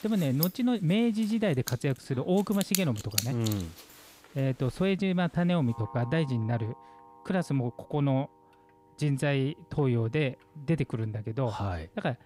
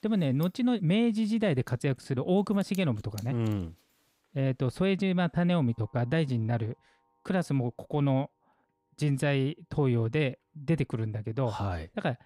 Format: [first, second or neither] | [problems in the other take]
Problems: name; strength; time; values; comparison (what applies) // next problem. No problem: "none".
second | household noises; loud; throughout; 8 dB below the speech; faint in the second